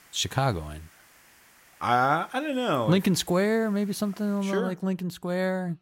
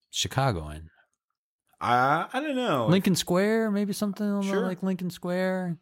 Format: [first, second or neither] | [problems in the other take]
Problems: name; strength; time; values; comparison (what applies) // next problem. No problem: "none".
second | hiss; faint; until 4.5 s; 30 dB below the speech